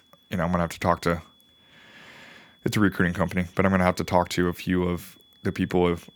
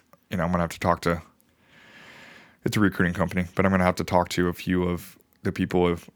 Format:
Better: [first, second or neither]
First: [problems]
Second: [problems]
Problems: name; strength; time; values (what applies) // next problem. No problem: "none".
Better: second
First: high-pitched whine; faint; throughout; 3.5 kHz, 30 dB below the speech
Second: none